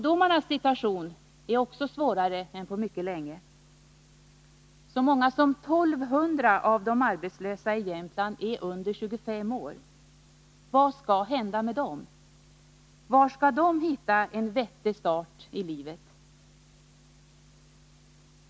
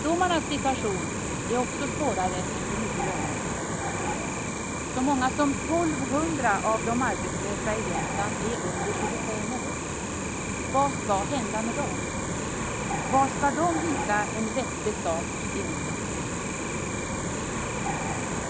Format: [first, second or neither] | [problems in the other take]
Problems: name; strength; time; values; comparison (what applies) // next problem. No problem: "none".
first | background sound (Cricket); as loud as the speech